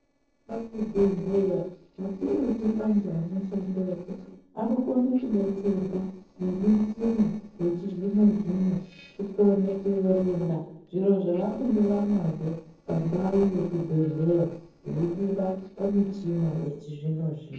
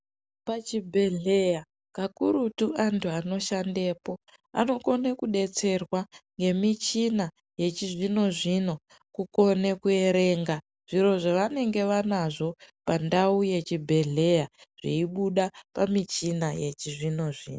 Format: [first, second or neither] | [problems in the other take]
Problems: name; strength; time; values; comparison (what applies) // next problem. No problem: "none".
second | noise reduction (neural separator model SepFormer DNS4)